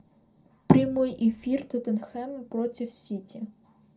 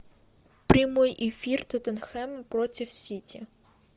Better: second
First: room echo; dies away in 0.2 s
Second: none

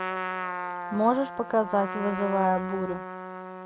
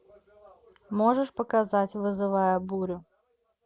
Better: second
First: background sound (Trumpet); 6 dB below the speech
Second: none

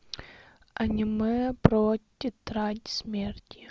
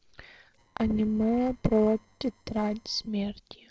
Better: first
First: none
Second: noise reduction (neural separator model SepFormer DNS4)

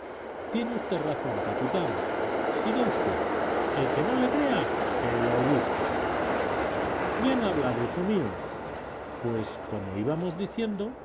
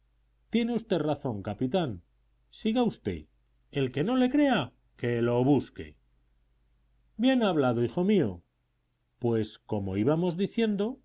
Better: second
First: background sound (Train); 2 dB above the speech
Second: none

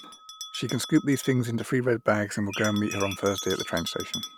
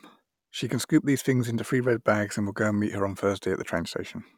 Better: second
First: background sound (Bird + Bell); 12 dB below the speech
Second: none

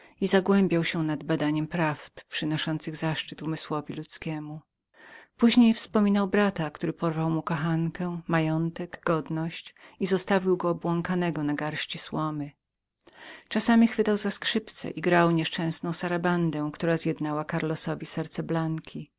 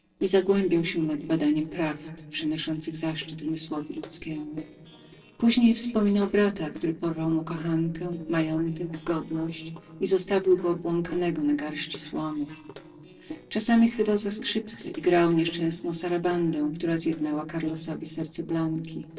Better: first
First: none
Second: noise reduction (neural separator model SepFormer DNS4)

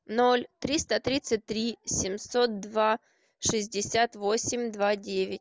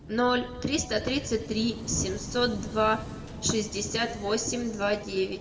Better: first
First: none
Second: background sound (Waves, surf / Wind); 12 dB below the speech // room echo; dies away in 1.3 s

